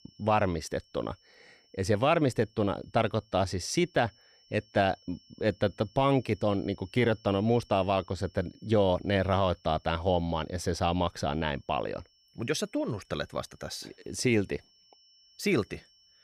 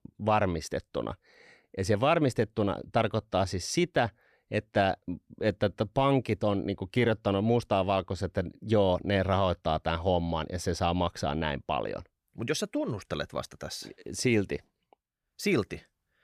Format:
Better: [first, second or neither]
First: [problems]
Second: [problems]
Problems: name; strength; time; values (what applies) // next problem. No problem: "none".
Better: second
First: high-pitched whine; faint; throughout; 5.5 kHz, 30 dB below the speech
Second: none